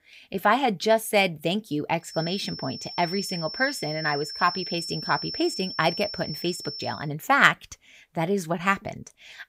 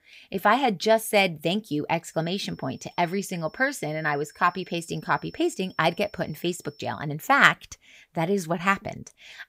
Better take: second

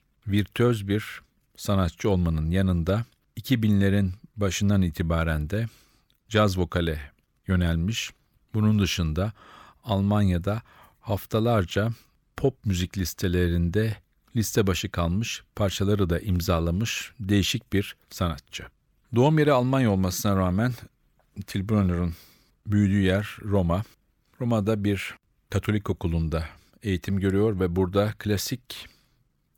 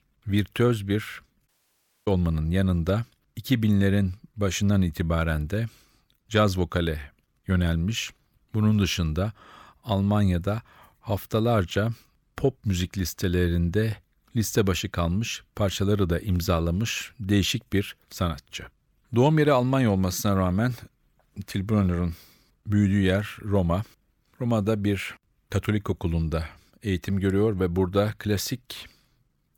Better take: first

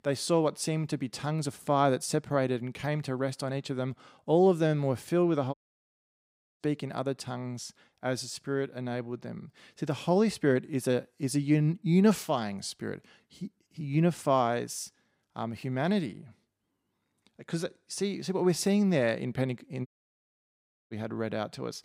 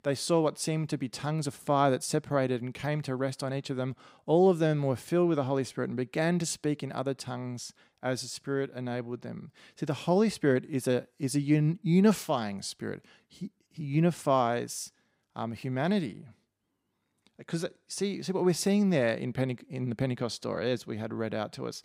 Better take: second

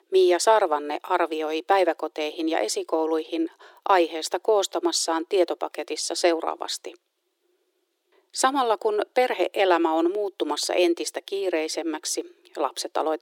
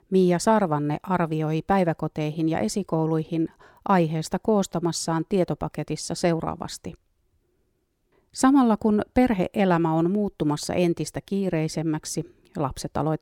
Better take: second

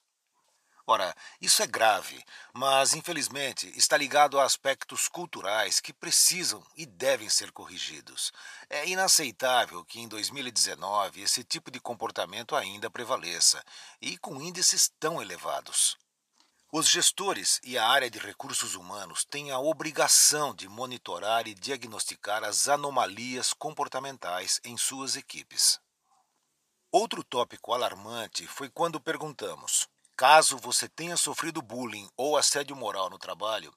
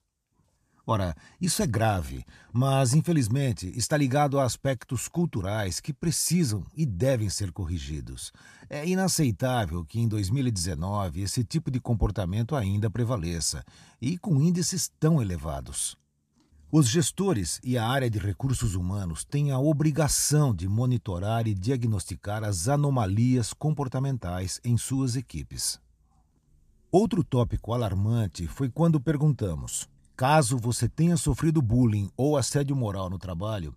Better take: second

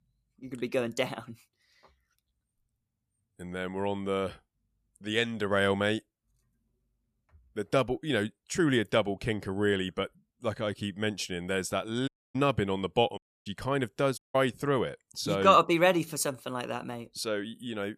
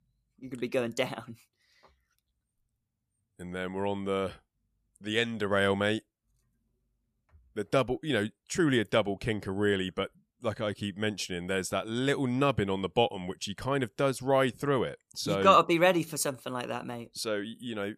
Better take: second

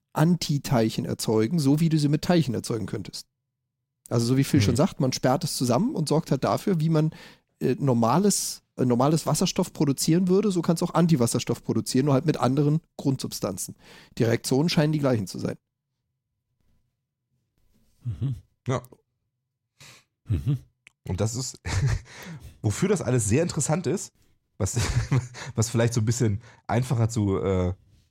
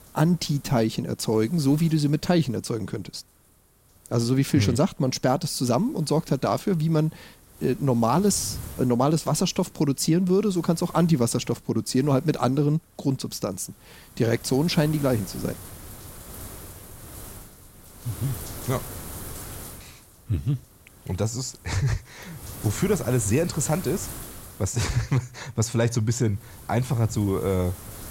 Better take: first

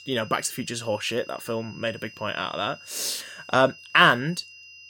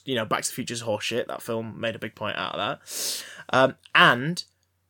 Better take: second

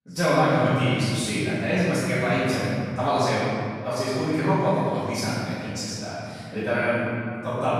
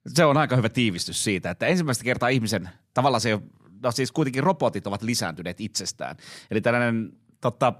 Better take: second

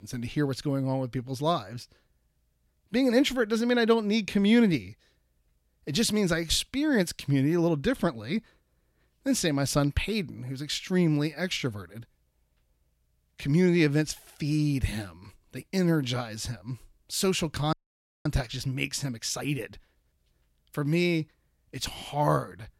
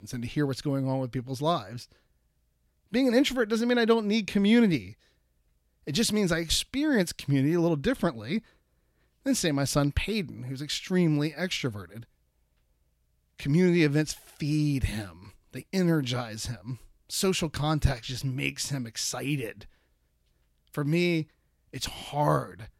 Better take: second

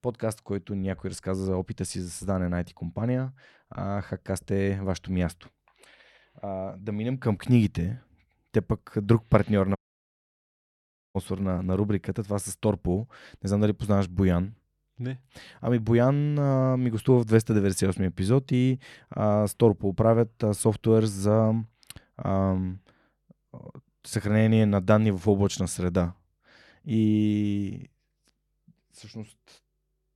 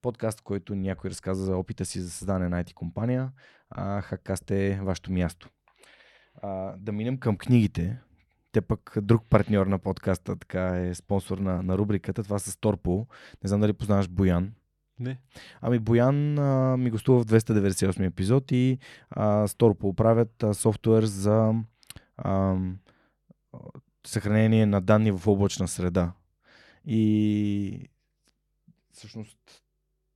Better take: second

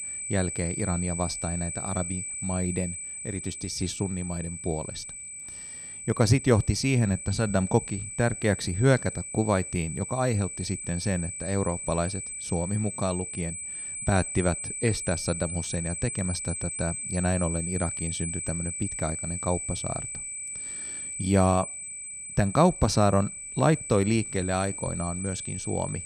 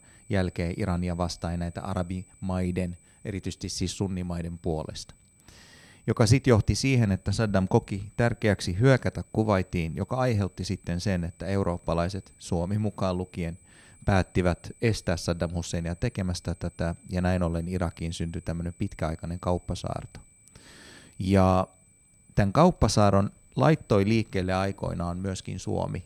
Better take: second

